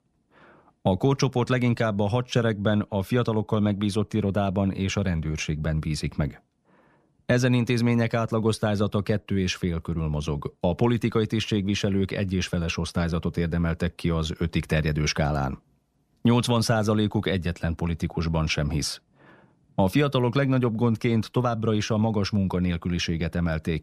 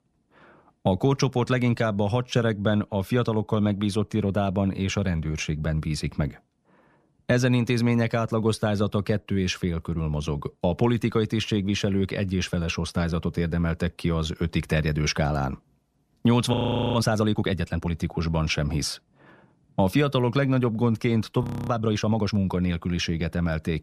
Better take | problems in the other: first | audio freezing; at 17 s and at 21 s

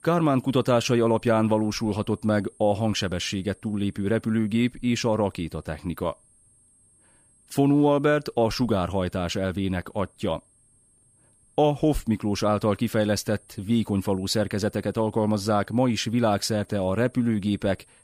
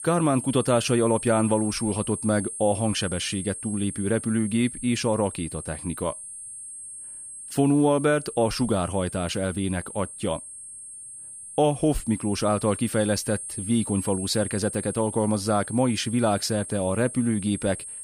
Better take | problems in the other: first | high-pitched whine; loud; throughout; 8.5 kHz, 9 dB below the speech; faint in the first

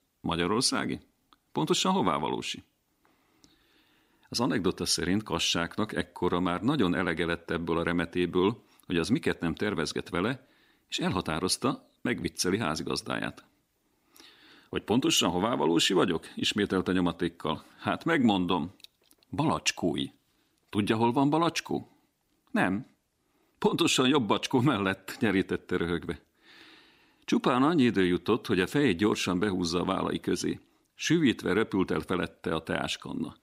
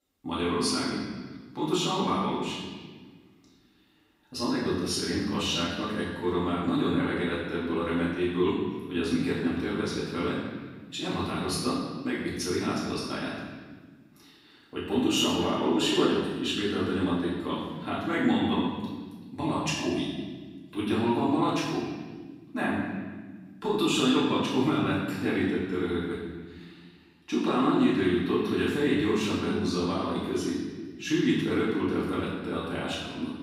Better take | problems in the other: first | off-mic speech; far // room echo; strong; dies away in 1.4 s

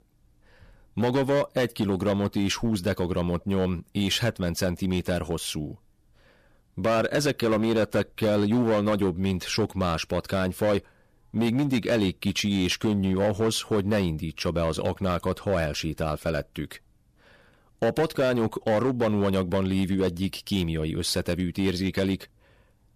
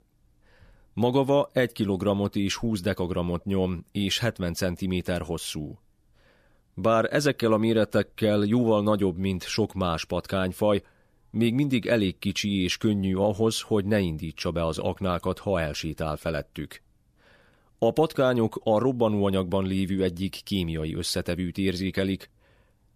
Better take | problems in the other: second | distortion; slight; 9% of the sound clipped

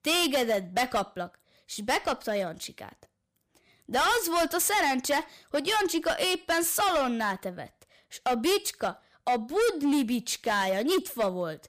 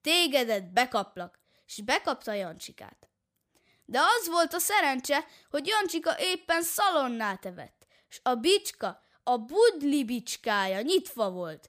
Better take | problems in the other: second | distortion; heavy; 11% of the sound clipped

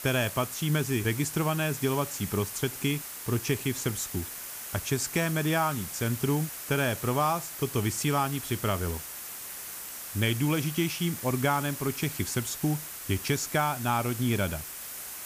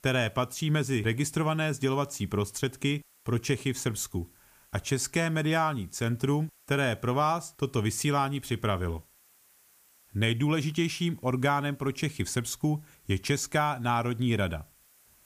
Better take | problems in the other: second | hiss; loud; throughout; 8 dB below the speech; faint in the second

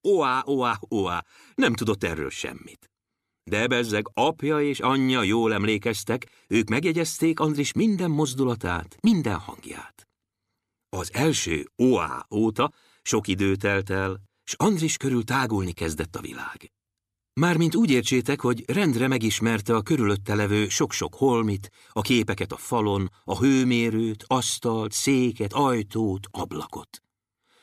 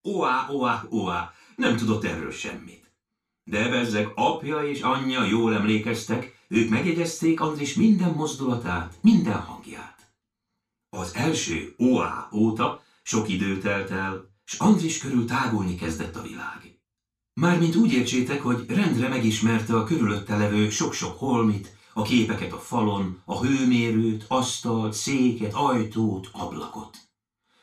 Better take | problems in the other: first | room echo; slight; dies away in 0.3 s // off-mic speech; far

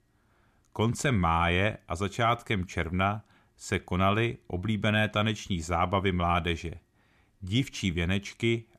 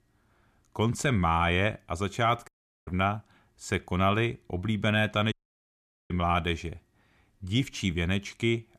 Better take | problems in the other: first | audio cutting out; at 2.5 s and at 5.5 s for 1 s

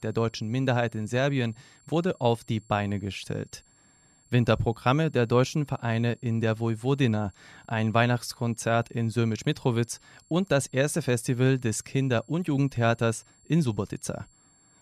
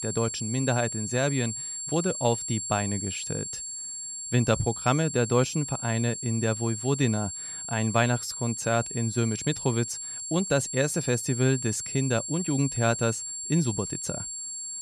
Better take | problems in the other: first | high-pitched whine; loud; throughout; 7.5 kHz, 5 dB below the speech; faint in the first

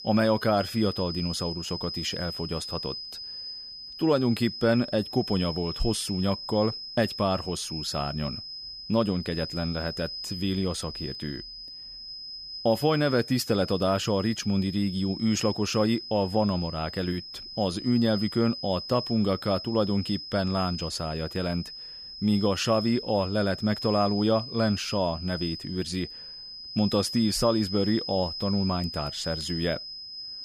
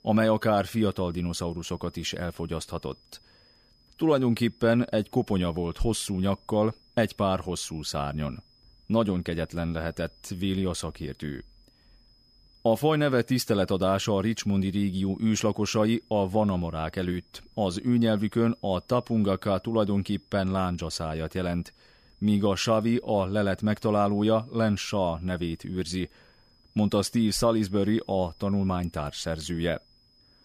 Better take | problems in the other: second | high-pitched whine; loud; throughout; 5 kHz, 8 dB below the speech; faint in the second

